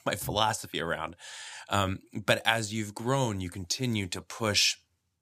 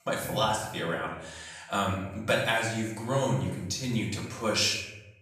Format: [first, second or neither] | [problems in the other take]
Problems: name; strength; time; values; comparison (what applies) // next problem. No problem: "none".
first | off-mic speech; far // room echo; noticeable; dies away in 0.8 s